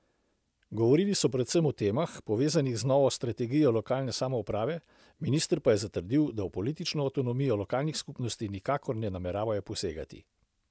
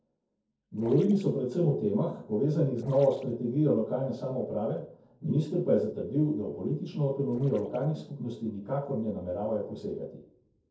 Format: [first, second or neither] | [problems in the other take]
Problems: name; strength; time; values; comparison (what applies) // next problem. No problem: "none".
first | noise reduction (neural separator model SepFormer DNS4)